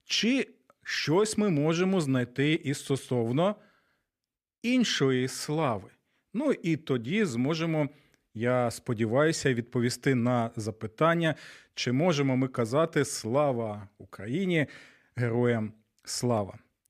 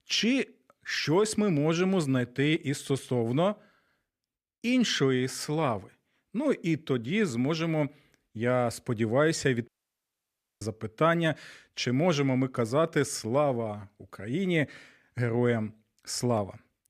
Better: first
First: none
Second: audio cutting out; at 9.5 s for 1 s

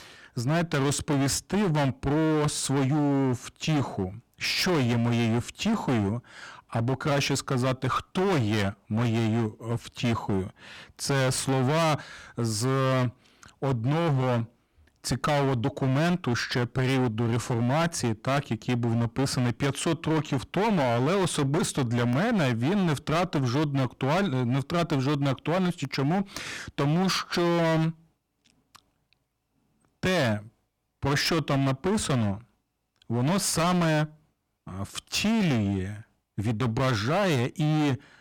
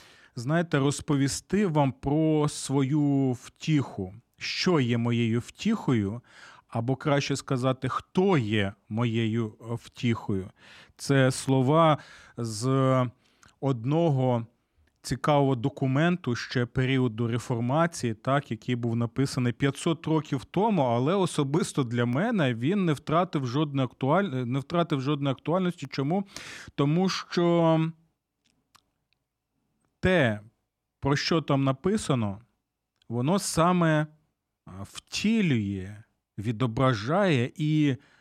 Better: second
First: distortion; heavy; 27% of the sound clipped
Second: none

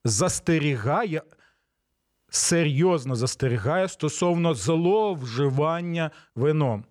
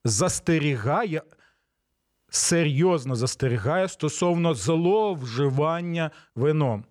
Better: neither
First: none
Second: none

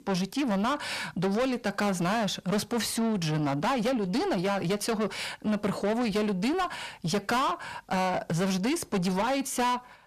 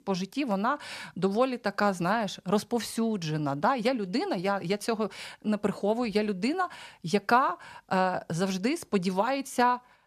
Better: second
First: distortion; heavy; 6 dB below the speech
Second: none

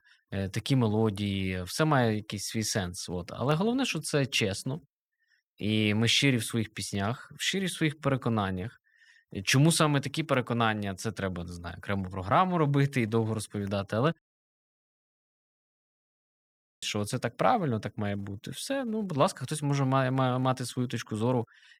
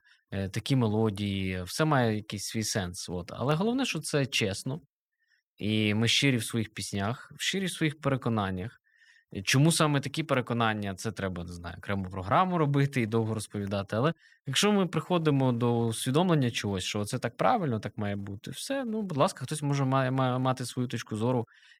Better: second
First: audio cutting out; at 14 s for 2.5 s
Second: none

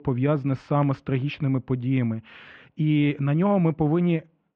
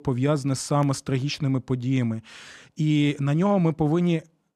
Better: second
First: muffled; very; fading above 2.5 kHz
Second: none

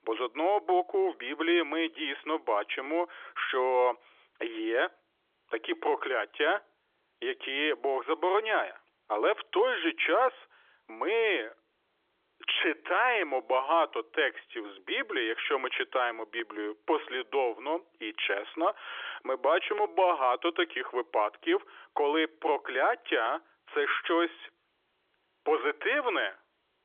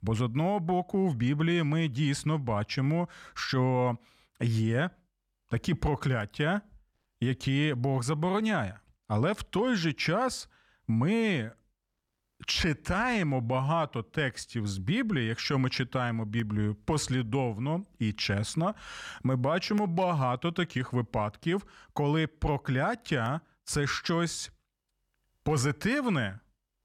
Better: second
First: phone-call audio; nothing above 3.5 kHz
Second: none

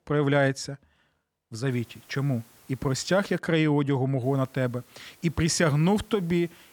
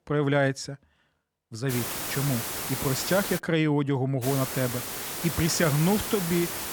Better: first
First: hiss; faint; from 1.5 to 3.5 s and from 4 s on; 30 dB below the speech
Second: hiss; loud; from 1.5 to 3.5 s and from 4 s on; 4 dB below the speech

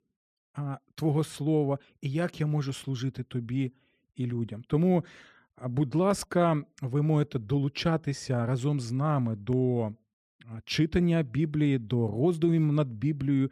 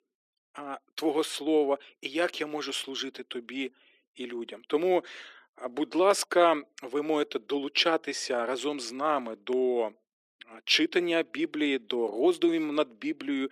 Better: first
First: none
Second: thin; somewhat; fading below 300 Hz

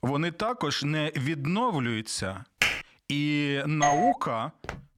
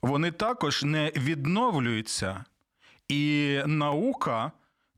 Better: second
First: keyboard typing; loud; at 2.5 s; peak 3 dB above the speech // doorbell; loud; at 4 s; peak 5 dB above the speech // footsteps; faint; at 4.5 s; peak 15 dB below the speech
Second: none

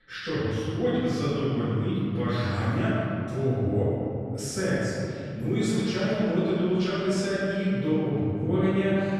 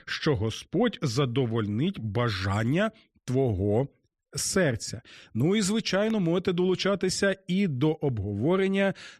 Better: second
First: off-mic speech; far // room echo; strong; dies away in 2.7 s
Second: none

